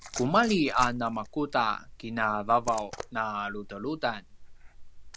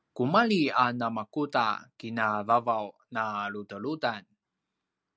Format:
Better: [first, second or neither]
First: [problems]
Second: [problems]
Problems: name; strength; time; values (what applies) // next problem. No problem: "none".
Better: second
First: background sound (Liquid); 13 dB below the speech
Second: none